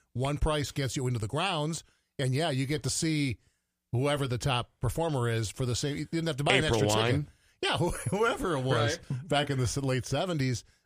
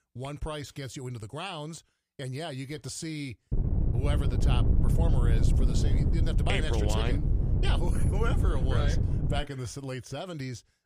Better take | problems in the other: first | wind noise on the microphone; heavy; from 3.5 to 9.5 s; 4 dB below the speech

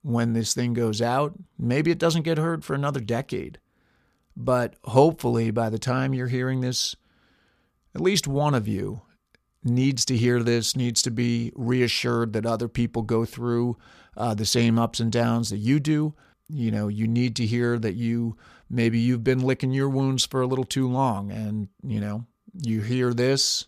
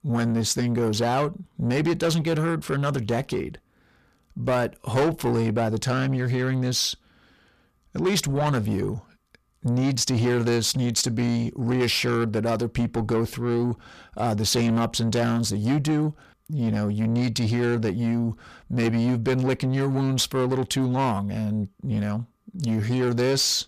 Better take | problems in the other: first | distortion; slight; 10 dB below the speech

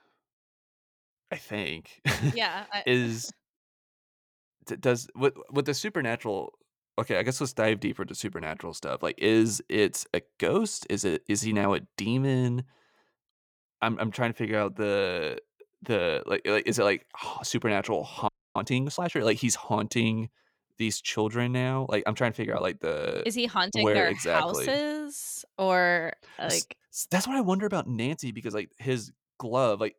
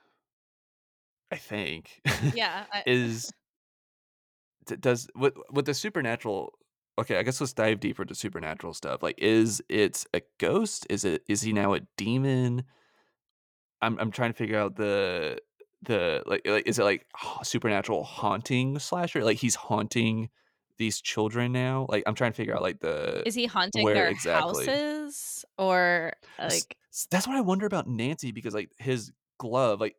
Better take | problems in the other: second | audio freezing; at 18 s

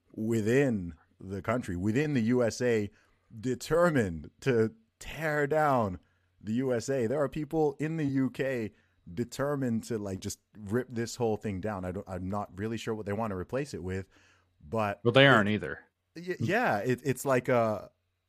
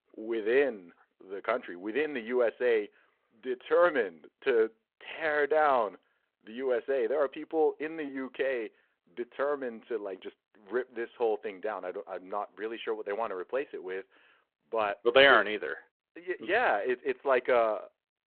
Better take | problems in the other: first | phone-call audio

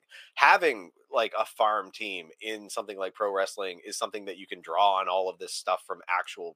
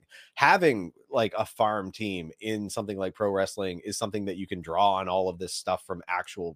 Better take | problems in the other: second | thin; very; fading below 550 Hz

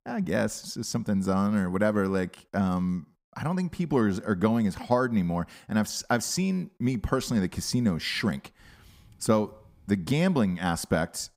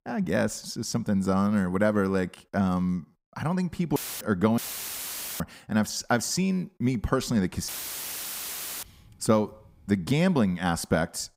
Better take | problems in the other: first | audio cutting out; filled with static; at 4 s, at 4.5 s for 1 s and at 7.5 s for 1 s

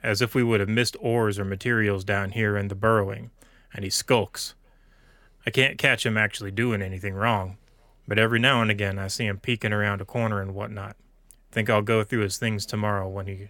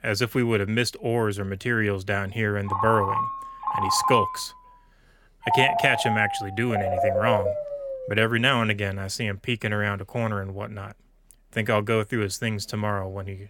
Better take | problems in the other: first | phone ringing; loud; from 2.5 to 8 s; peak 2 dB above the speech

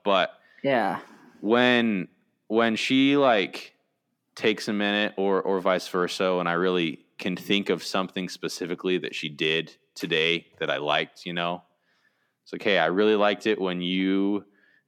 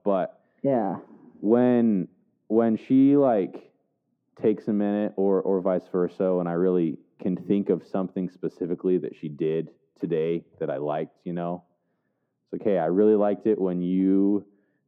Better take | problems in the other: first | muffled; very; fading above 1.5 kHz

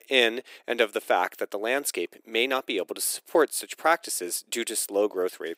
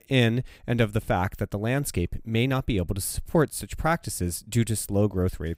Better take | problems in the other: second | thin; very; fading below 350 Hz

